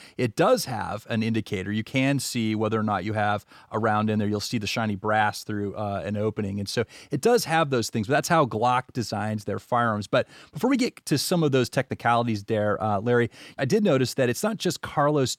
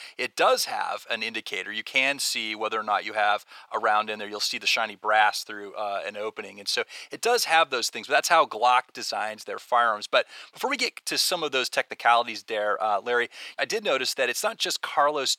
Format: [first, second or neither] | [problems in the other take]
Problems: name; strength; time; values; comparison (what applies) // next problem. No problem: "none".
first | thin; very; fading below 750 Hz